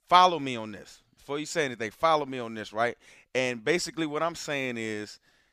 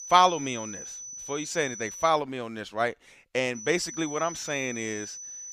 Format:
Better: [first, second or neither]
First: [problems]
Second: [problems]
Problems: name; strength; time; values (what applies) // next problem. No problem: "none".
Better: first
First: none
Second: high-pitched whine; loud; until 2 s and from 3.5 s on; 6 kHz, 10 dB below the speech